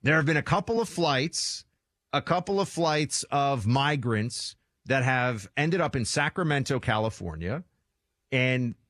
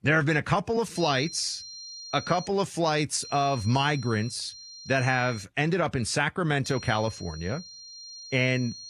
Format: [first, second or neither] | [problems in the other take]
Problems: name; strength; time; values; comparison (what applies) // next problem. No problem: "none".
first | high-pitched whine; noticeable; from 1 to 2.5 s, from 3 to 5.5 s and from 6.5 s on; 4 kHz, 15 dB below the speech